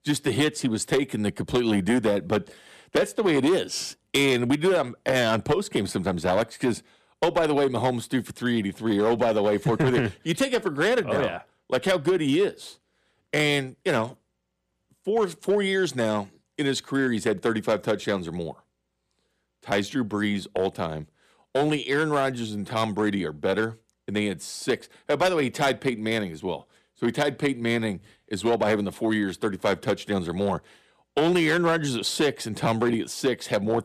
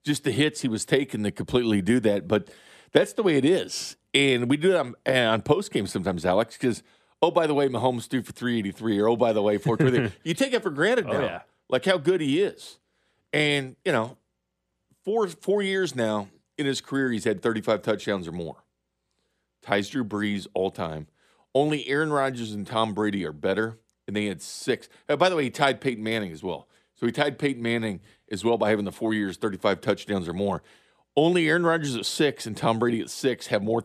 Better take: second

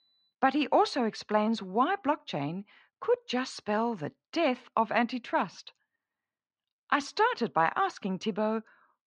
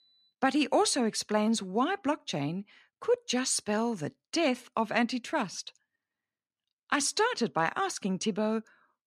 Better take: second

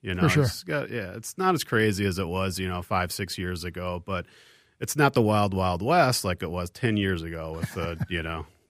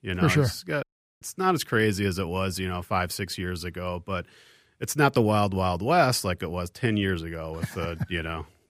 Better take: first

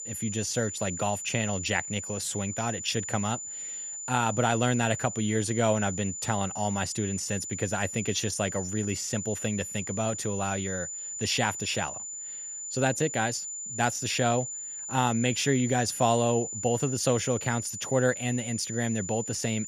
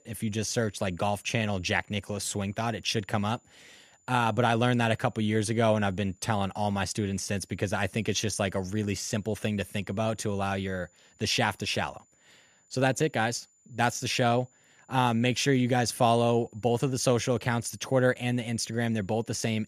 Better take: second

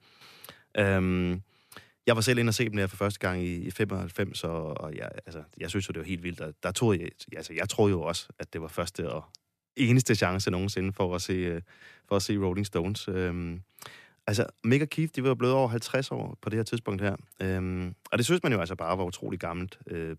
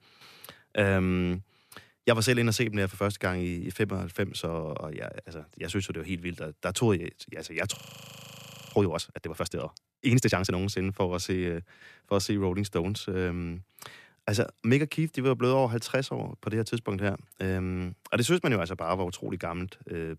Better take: first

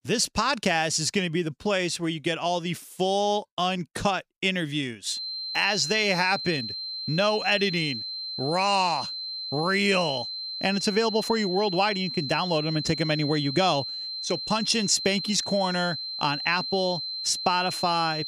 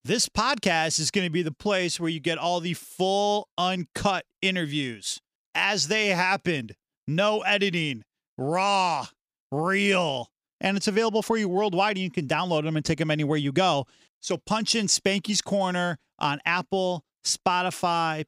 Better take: second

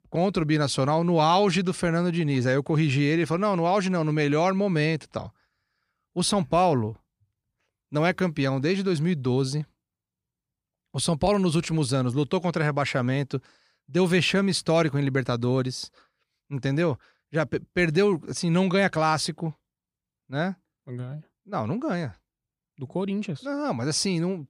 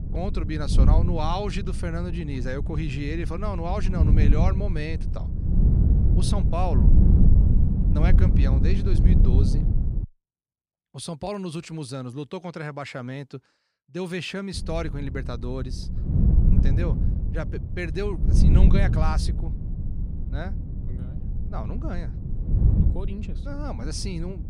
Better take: first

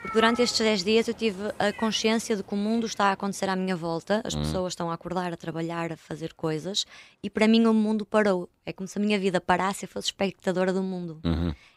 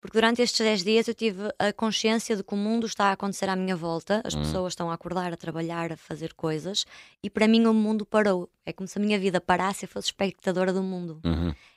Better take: second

